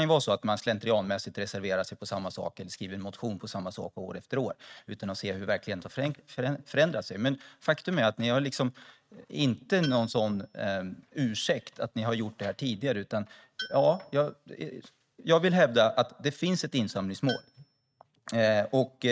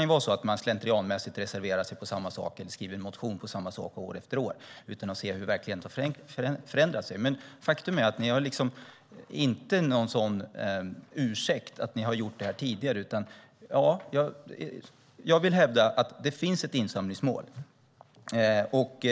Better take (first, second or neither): second